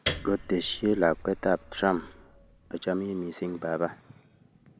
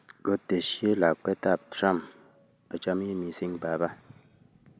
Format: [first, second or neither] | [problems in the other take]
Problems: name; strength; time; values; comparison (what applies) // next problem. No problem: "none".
second | background sound (Piano); 10 dB below the speech